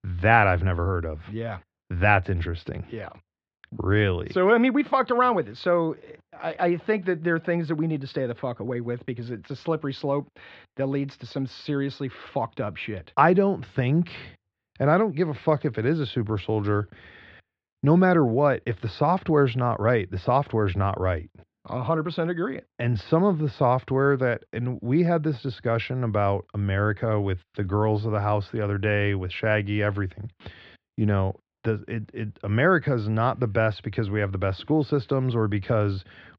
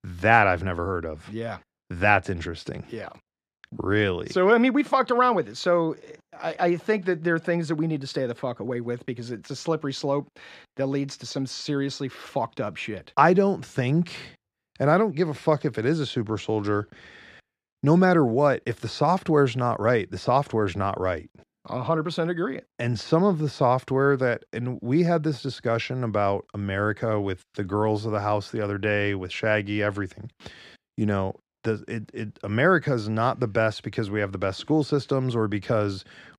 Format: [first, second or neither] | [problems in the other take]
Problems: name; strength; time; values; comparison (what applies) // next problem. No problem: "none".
second | muffled; slightly; fading above 4 kHz